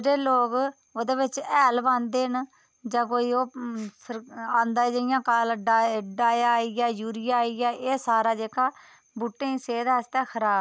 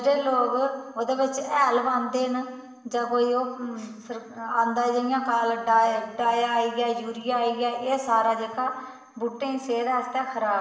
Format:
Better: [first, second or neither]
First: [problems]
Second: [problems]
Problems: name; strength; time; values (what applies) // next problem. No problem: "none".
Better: first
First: none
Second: room echo; dies away in 1.2 s